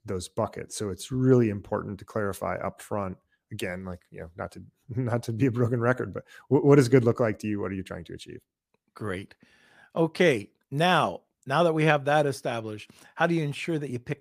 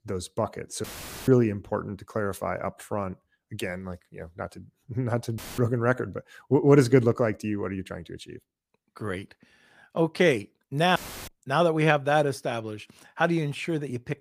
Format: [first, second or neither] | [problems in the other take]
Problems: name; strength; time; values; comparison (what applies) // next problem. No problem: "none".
first | audio cutting out; filled with static; at 1 s, at 5.5 s and at 11 s